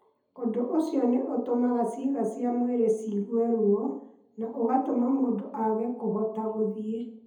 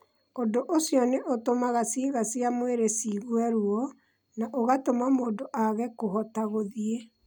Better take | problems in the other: second | room echo; dies away in 0.7 s

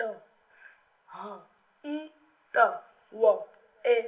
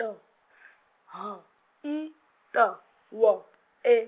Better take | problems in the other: second | room echo; dies away in 0.6 s

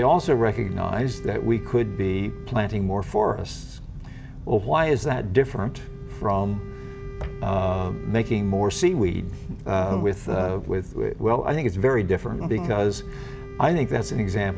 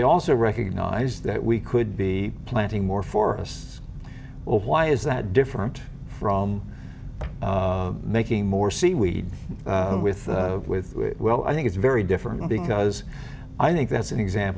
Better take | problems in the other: second | background sound (Wind instrument, woodwind instrument); 20 dB below the speech

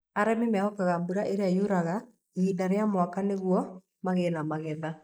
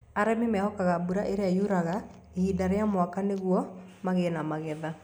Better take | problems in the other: second | noise reduction (neural mask model Resemble Enhance denoiser)

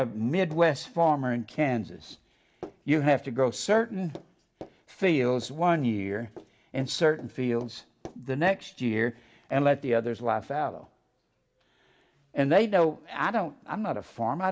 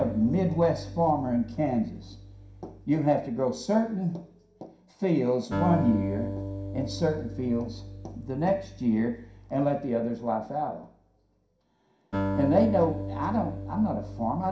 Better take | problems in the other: first | background sound (Acoustic guitar); 9 dB below the speech // room echo; dies away in 0.5 s

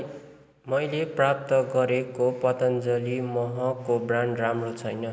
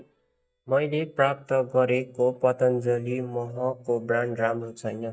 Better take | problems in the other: first | noise reduction (neural mask model DeepFilterNet 3)

